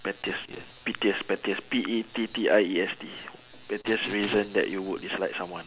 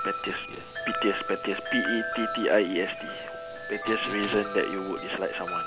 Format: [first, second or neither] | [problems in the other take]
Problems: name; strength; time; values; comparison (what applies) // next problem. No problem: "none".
first | background sound (Wind chime); 5 dB below the speech